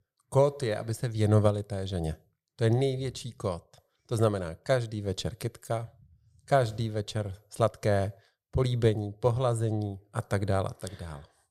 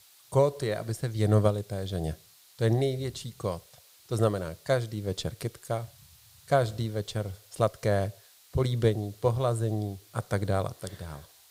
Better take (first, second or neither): first